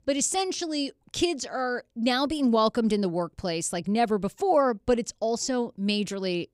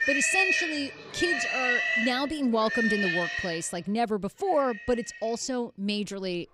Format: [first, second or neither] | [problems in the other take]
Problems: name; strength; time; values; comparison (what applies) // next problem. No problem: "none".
first | animal sounds; very loud; throughout; 3 dB above the speech